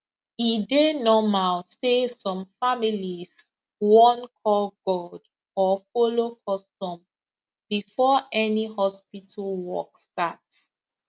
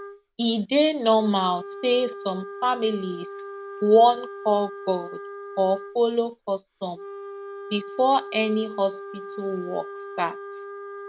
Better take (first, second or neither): first